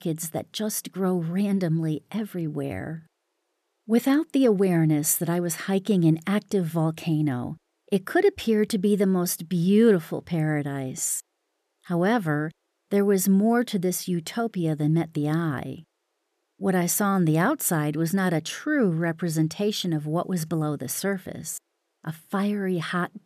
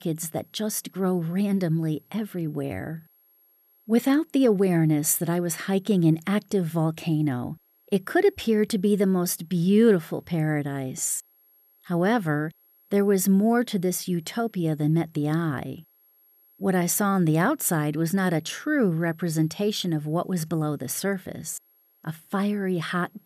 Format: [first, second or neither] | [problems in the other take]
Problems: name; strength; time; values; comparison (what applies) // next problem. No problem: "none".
first | high-pitched whine; faint; throughout; 11.5 kHz, 35 dB below the speech